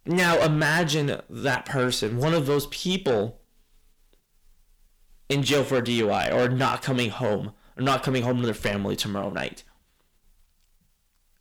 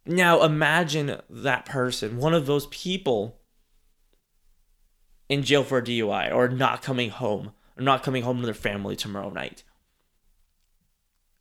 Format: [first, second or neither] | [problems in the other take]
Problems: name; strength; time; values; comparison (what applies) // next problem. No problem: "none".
second | distortion; heavy; 7 dB below the speech